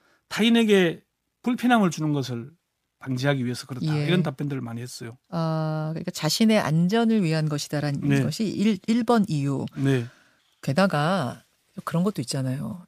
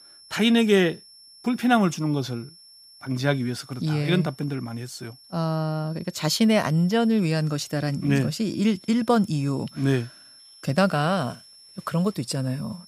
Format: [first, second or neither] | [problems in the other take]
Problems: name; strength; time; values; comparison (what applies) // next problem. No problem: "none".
first | high-pitched whine; faint; throughout; 5.5 kHz, 25 dB below the speech